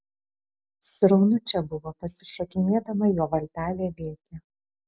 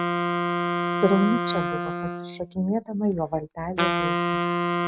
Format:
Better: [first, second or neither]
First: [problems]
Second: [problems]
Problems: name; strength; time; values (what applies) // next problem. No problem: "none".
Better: first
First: none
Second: background sound (Wind instrument, woodwind instrument); 1 dB above the speech